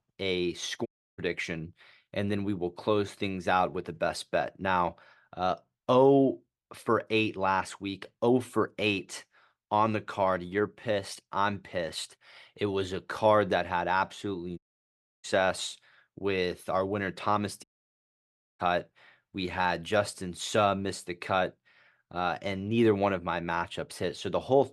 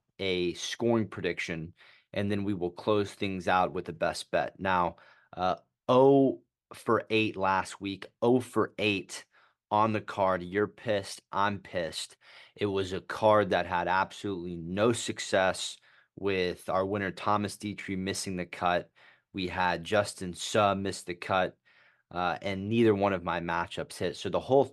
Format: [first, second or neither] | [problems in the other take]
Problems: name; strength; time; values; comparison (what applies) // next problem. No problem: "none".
second | audio cutting out; at 1 s, at 15 s for 0.5 s and at 18 s for 1 s